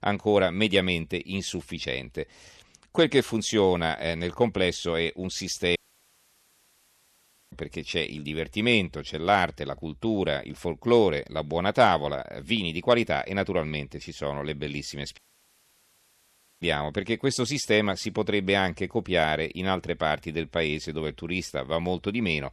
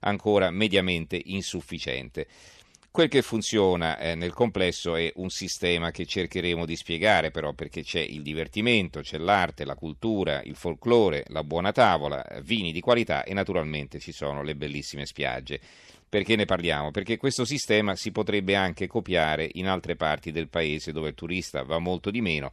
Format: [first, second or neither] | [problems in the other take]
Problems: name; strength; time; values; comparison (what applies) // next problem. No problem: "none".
second | audio cutting out; at 6 s for 2 s and at 15 s for 1.5 s